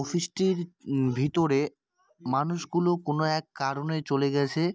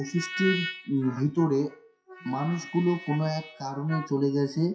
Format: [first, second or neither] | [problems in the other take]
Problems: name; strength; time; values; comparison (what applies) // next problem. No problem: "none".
first | noise reduction (classical method WPE with log-MMSE)